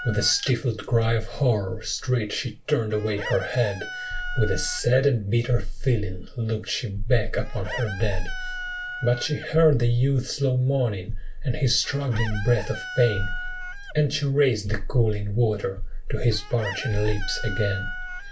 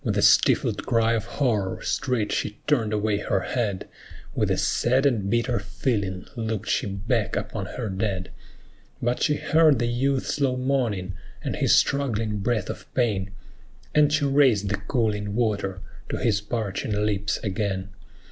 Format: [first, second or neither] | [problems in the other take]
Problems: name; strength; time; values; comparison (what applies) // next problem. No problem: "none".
second | background sound (Chicken, rooster); 15 dB below the speech // room echo; dies away in 0.2 s